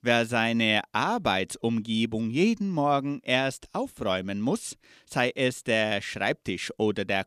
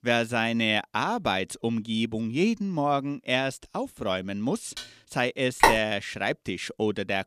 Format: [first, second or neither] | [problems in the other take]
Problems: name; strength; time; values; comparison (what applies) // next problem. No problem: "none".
first | clattering dishes; faint; at 5 s; peak 15 dB below the speech // phone ringing; loud; at 5.5 s; peak 6 dB above the speech